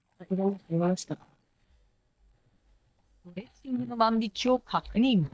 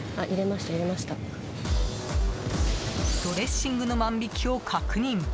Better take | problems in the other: second | noise reduction (neural mask model DeepFilterNet 3)

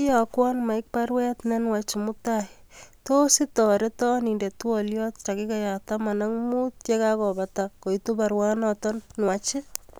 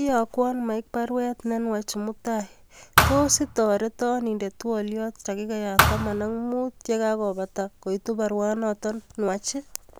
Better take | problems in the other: first | background sound (Thump, thud); 1 dB above the speech

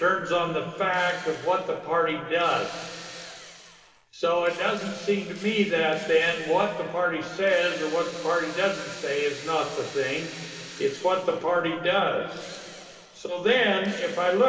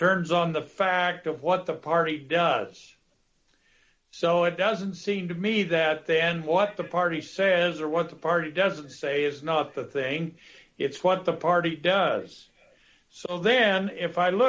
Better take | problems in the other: second | background sound (Drill); 19 dB below the speech // room echo; dies away in 2.5 s

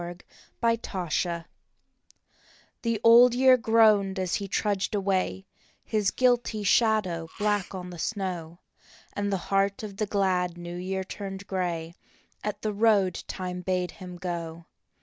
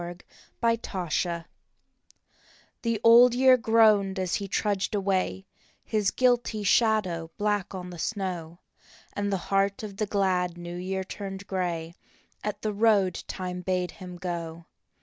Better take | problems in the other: second | background sound (Sneeze); 20 dB below the speech

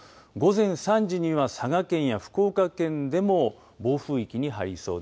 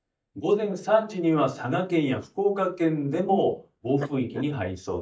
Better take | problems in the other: first | noise reduction (neural mask model DeepFilterNet 3)

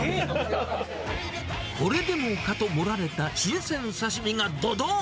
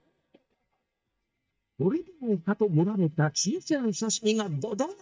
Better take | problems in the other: first | noise reduction (neural mask model DeepFilterNet 3)

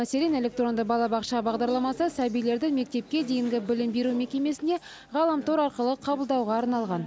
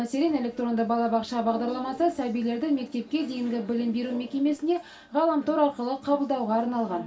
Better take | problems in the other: first | room echo; dies away in 0.2 s

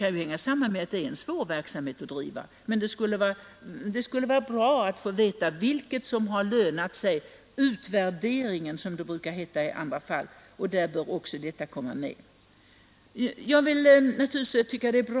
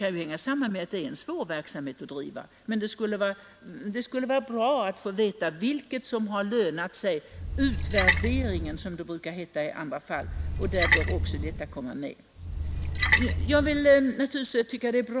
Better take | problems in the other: first | background sound (Splash, splatter); as loud as the speech

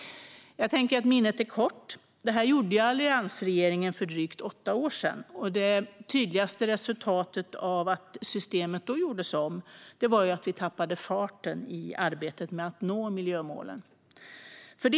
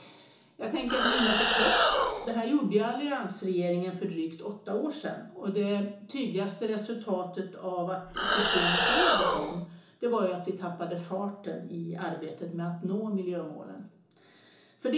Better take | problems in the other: first | background sound (Animal); 5 dB above the speech // room echo; dies away in 0.8 s

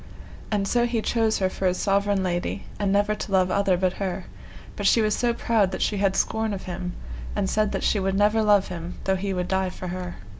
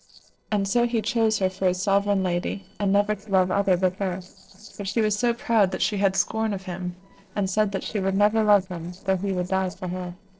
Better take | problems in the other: first | noise reduction (neural separator model SepFormer DNS4)

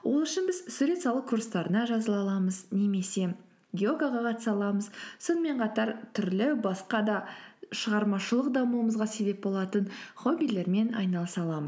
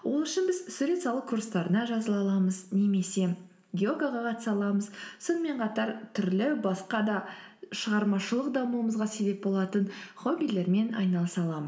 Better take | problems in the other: first | room echo; dies away in 0.6 s

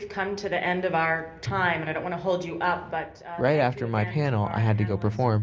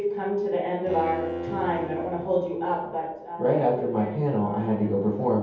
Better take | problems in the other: first | background sound (Bowed string instrument); 11 dB below the speech // room echo; dies away in 0.7 s

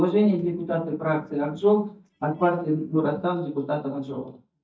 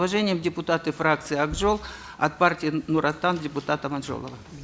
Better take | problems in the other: second | noise reduction (neural mask model DeepFilterNet 3)

